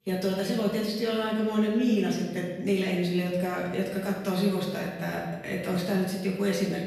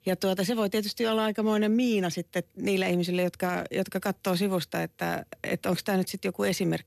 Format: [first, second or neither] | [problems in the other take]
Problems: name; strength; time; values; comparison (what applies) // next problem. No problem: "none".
second | off-mic speech; far // room echo; noticeable; dies away in 1.2 s